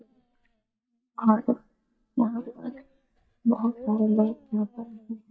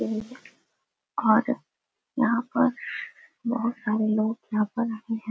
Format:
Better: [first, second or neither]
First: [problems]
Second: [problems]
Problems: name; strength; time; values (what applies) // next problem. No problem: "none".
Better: second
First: noise reduction (neural mask model DeepFilterNet 3)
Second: none